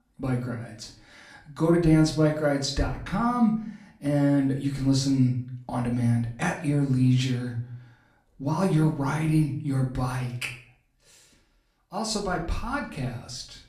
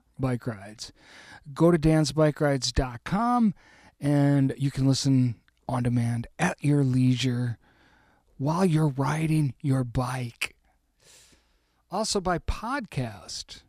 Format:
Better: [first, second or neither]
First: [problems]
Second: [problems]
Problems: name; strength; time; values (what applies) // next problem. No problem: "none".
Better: second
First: room echo; slight; dies away in 0.4 s // off-mic speech; far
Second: none